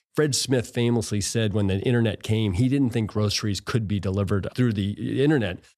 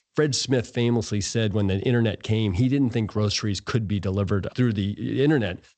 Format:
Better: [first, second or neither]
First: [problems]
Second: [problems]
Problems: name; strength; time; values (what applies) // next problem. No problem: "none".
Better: first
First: none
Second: garbled, watery; slightly; nothing above 8 kHz